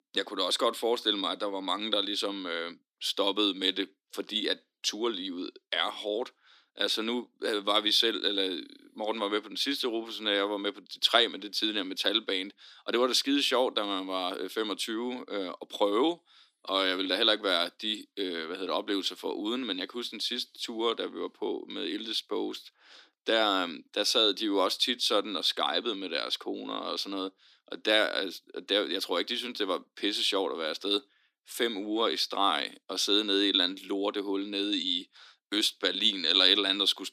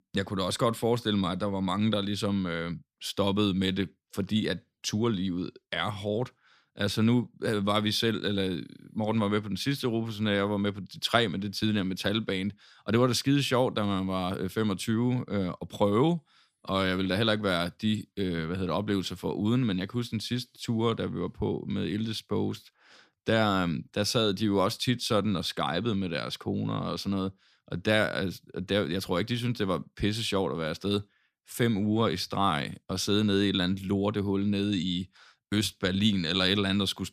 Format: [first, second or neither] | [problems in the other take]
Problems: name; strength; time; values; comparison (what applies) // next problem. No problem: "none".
second | thin; somewhat; fading below 300 Hz